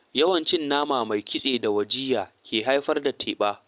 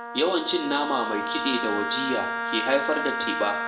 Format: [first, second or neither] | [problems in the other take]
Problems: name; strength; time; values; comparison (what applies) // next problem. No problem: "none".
first | background sound (Wind instrument, woodwind instrument); 3 dB below the speech // room echo; dies away in 0.6 s